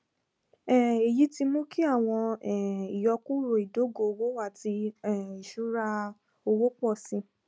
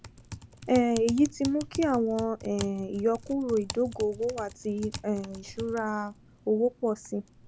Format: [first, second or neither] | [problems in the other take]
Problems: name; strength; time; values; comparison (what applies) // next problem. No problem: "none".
first | background sound (Typing); 15 dB below the speech